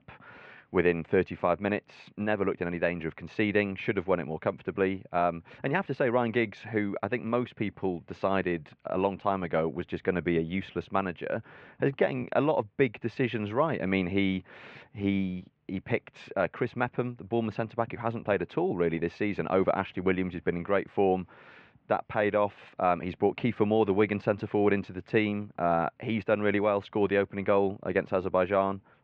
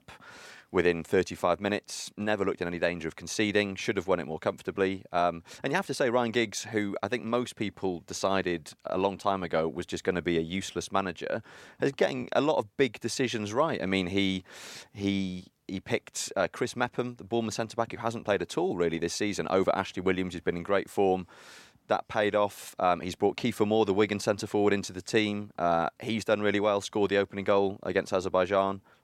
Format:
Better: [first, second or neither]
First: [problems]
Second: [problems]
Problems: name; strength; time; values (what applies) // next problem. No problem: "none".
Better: second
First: muffled; very; fading above 2.5 kHz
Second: none